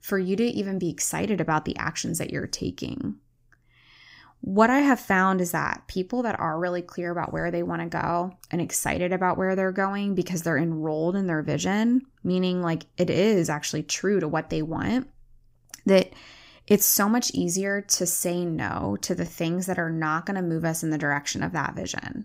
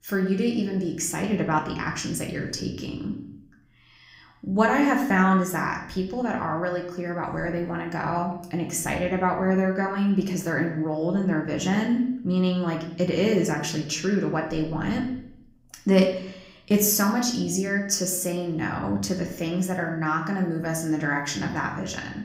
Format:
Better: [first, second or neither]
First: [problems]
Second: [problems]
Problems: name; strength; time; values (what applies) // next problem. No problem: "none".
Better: first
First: none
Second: room echo; slight; dies away in 0.7 s // off-mic speech; somewhat distant